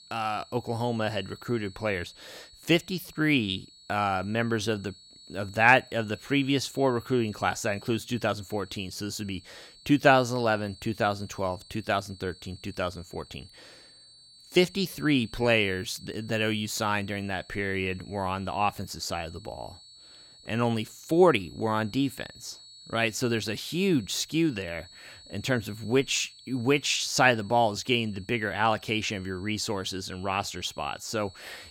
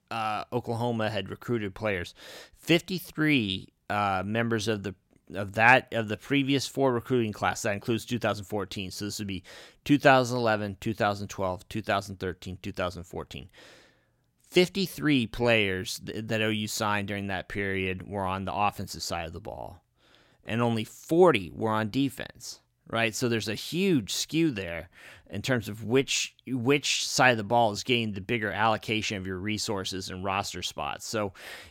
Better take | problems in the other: second | high-pitched whine; faint; throughout; 4.5 kHz, 20 dB below the speech

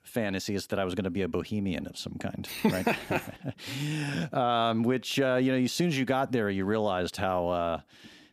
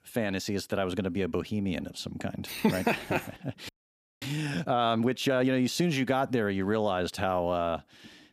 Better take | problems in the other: first | audio freezing; at 3.5 s for 0.5 s

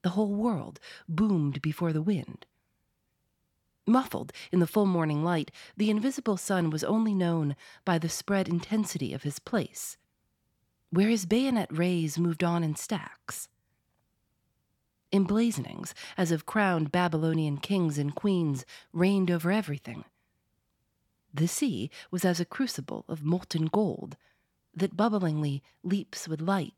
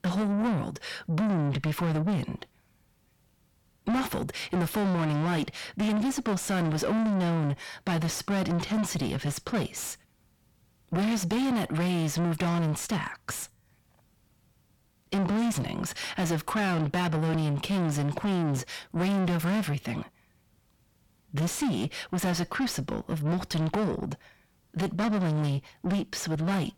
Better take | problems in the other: first | distortion; heavy; 5 dB below the speech

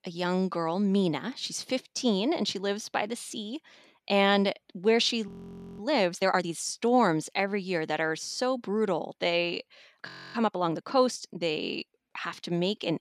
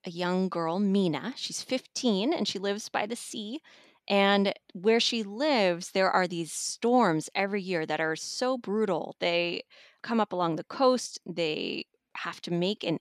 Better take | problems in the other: second | audio freezing; at 5.5 s for 0.5 s and at 10 s

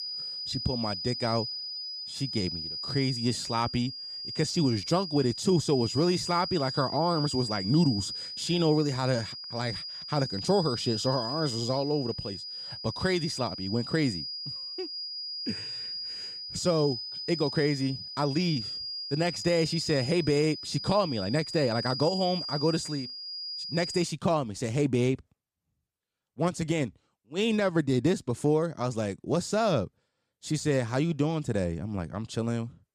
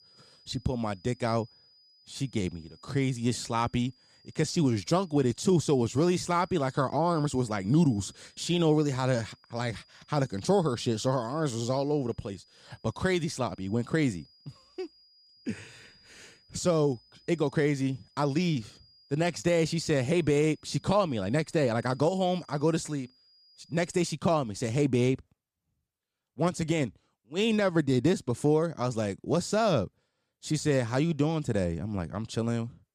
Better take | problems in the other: second | high-pitched whine; loud; until 24 s; 5 kHz, 6 dB below the speech; faint in the second

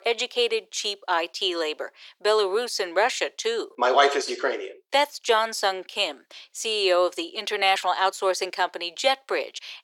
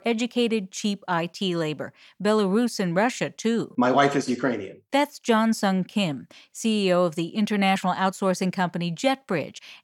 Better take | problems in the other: second | thin; very; fading below 350 Hz

